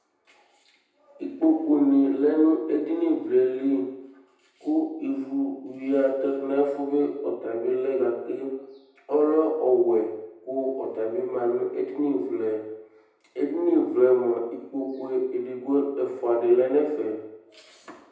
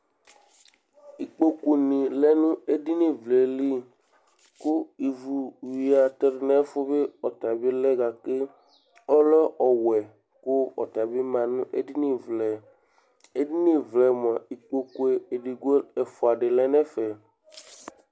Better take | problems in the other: second | room echo; dies away in 0.9 s

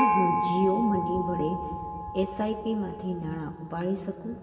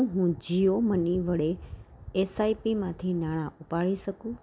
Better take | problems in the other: second | background sound (Gong); 2 dB below the speech // room echo; dies away in 2.7 s

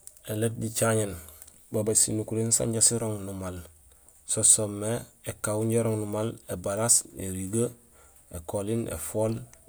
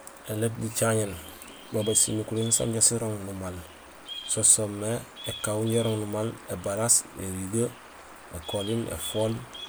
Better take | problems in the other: first | background sound (Bird vocalization, bird call, bird song); 15 dB below the speech

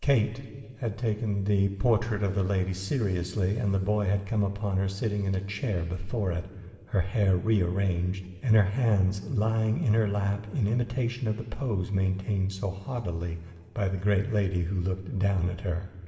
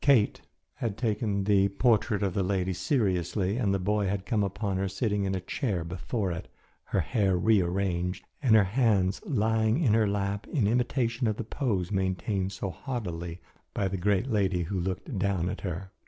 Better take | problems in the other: second | room echo; dies away in 2.6 s

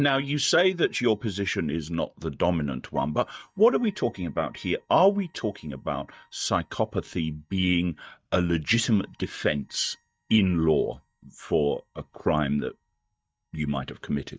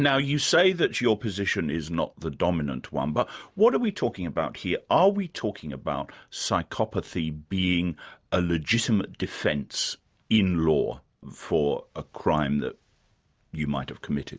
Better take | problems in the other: second | noise reduction (neural mask model DeepFilterNet 3)

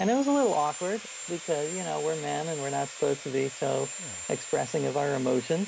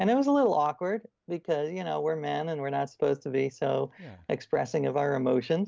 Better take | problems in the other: second | background sound (Sawing); 11 dB below the speech

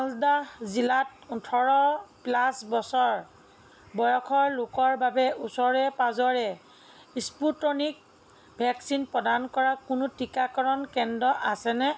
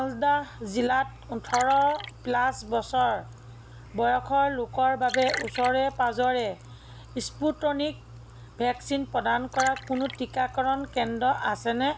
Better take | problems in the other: first | background sound (Liquid); 14 dB below the speech

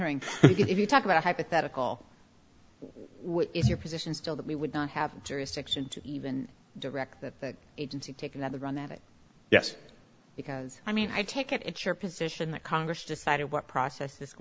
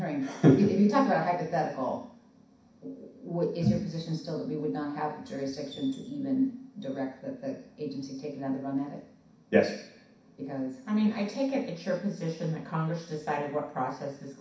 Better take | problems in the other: first | room echo; dies away in 0.6 s

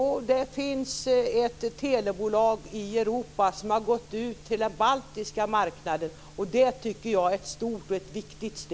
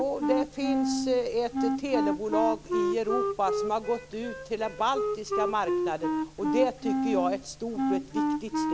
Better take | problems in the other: first | background sound (Wind instrument, woodwind instrument); 1 dB above the speech

